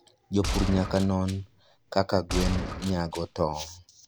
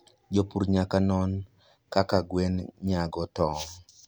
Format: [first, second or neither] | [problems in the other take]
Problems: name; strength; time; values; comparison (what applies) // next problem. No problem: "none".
second | background sound (Gunshot, gunfire); 5 dB below the speech